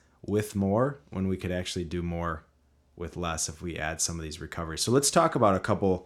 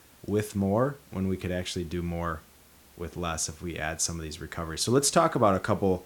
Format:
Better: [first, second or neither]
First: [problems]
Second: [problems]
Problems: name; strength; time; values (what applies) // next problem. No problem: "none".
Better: first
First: none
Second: hiss; faint; throughout; 25 dB below the speech